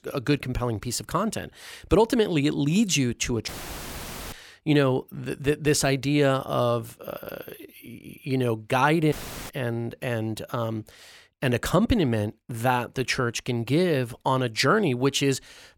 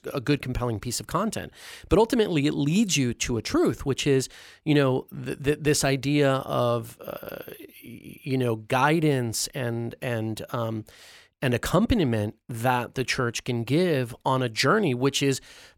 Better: second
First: audio cutting out; filled with static; at 3.5 s for 1 s and at 9 s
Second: none

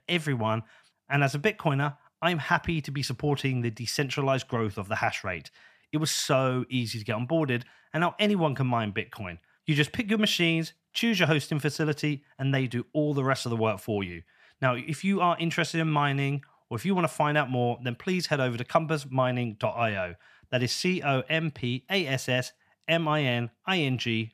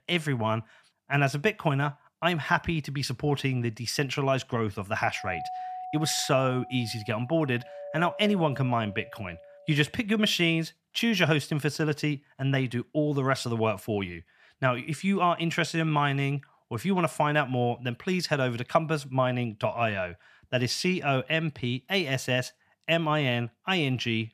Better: first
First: none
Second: doorbell; noticeable; from 5 to 10 s; peak 8 dB below the speech

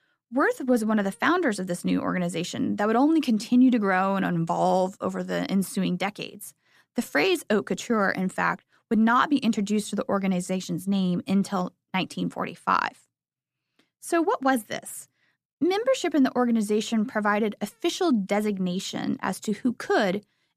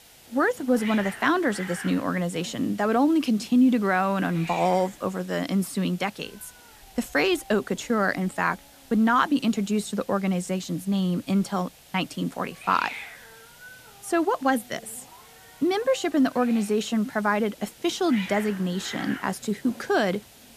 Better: first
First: none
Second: hiss; noticeable; throughout; 15 dB below the speech

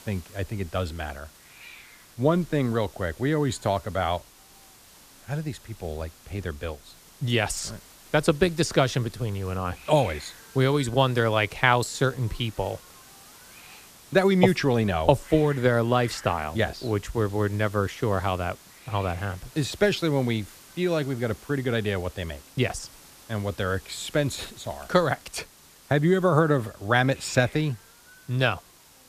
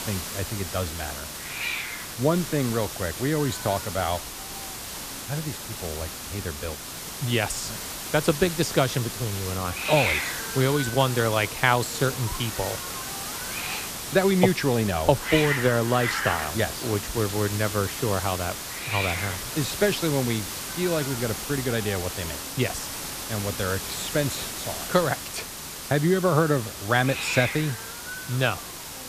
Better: first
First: hiss; faint; throughout; 20 dB below the speech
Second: hiss; loud; throughout; 5 dB below the speech

